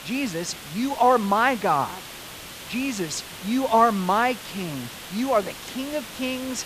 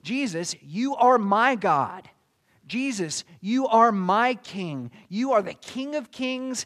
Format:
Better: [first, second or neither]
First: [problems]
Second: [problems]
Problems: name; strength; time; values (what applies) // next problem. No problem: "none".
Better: second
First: hiss; noticeable; throughout; 15 dB below the speech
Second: none